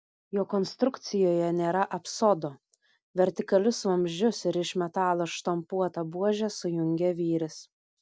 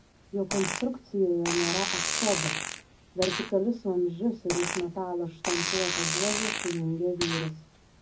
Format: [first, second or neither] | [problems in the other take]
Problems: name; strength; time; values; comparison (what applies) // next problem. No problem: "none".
first | background sound (Fart); 3 dB below the speech // room echo; dies away in 0.4 s